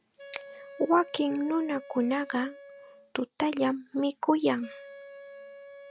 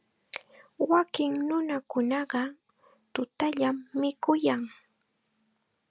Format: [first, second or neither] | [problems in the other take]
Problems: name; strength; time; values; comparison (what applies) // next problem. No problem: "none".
second | background sound (Wind instrument, woodwind instrument); 18 dB below the speech